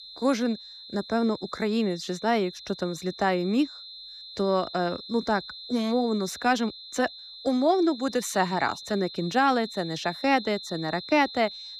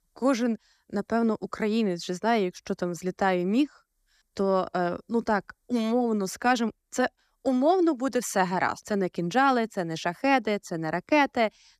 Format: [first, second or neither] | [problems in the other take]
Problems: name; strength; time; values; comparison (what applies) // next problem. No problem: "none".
second | high-pitched whine; noticeable; throughout; 4 kHz, 15 dB below the speech